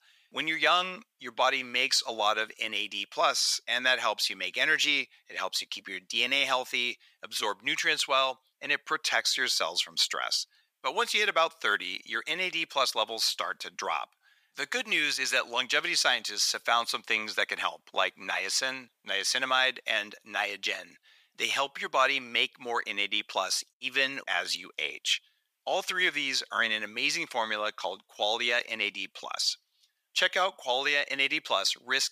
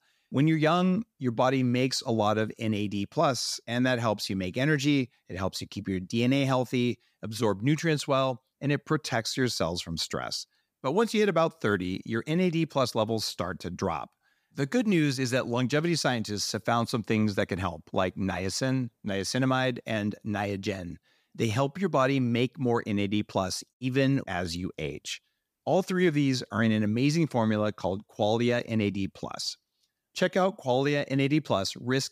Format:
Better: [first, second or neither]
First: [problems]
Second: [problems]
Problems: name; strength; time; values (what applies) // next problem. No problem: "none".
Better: second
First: thin; very; fading below 900 Hz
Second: none